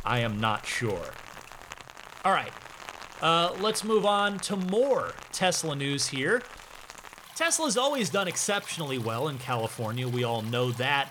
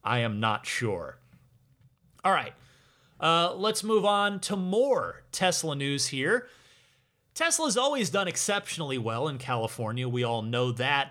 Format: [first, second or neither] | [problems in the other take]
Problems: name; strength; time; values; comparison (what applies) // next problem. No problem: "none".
second | rain or running water; noticeable; throughout; 15 dB below the speech